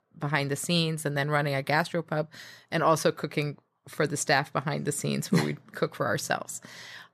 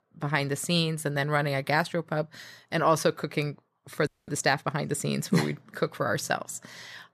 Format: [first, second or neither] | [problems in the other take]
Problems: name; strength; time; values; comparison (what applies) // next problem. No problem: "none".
first | audio freezing; at 4 s